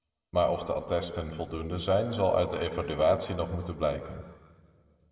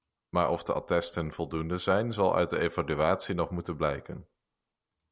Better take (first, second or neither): second